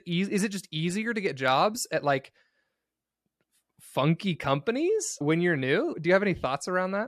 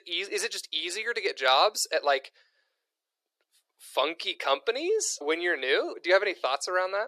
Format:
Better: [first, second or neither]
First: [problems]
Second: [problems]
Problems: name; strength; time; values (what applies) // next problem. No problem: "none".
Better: first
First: none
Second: thin; very; fading below 400 Hz